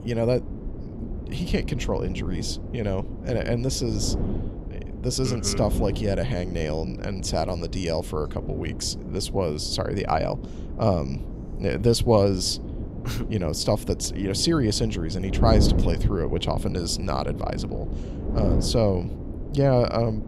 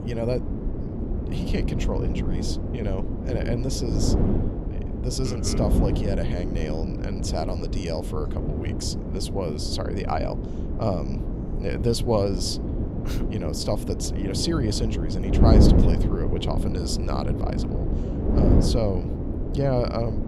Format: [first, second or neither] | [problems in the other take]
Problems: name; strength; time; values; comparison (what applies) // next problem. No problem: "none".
first | wind noise on the microphone; heavy; 3 dB below the speech; occasional gusts in the first